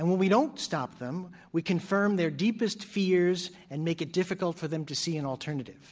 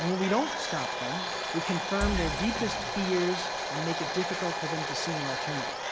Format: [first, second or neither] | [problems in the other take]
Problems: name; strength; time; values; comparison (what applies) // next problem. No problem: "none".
first | background sound (Domestic sounds, home sounds + Engine); as loud as the speech